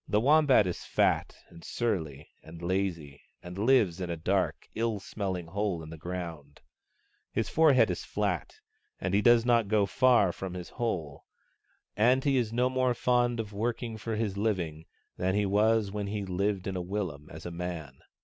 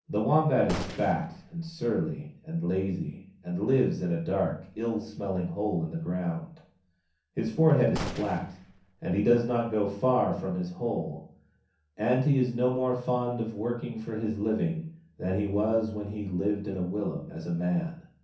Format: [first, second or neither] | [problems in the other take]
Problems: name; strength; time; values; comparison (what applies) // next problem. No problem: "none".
first | background sound (Gunshot, gunfire); 11 dB below the speech // room echo; dies away in 0.6 s